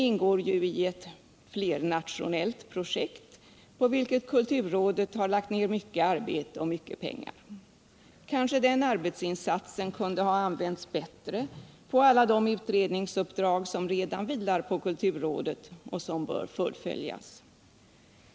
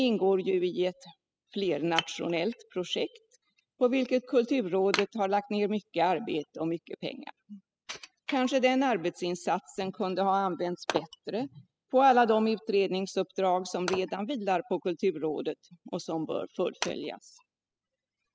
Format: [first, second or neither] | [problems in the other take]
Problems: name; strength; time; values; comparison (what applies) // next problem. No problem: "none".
first | noise reduction (classical method spectral subtraction)